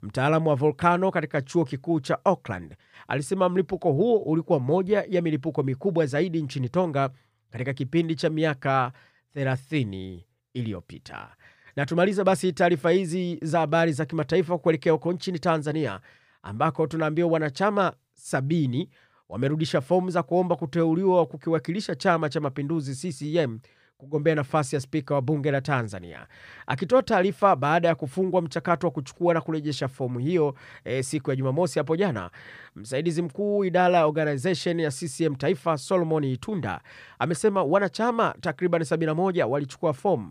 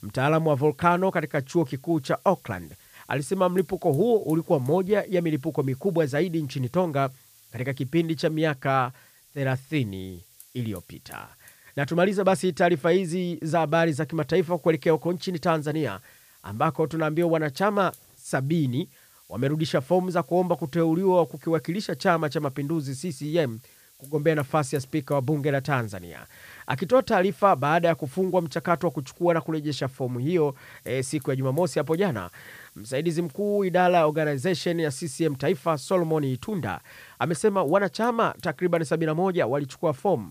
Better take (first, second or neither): first